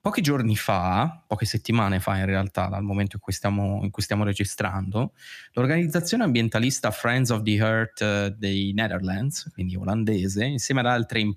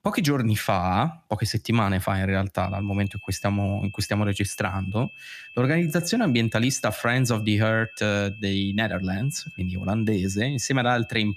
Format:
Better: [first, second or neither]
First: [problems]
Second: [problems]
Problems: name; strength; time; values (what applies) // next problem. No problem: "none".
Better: first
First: none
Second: high-pitched whine; noticeable; from 2.5 s on; 2.5 kHz, 15 dB below the speech